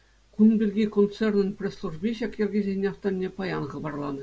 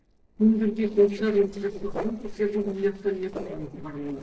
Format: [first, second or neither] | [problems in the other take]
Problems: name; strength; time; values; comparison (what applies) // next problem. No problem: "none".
first | noise reduction (neural separator model SepFormer DNS4)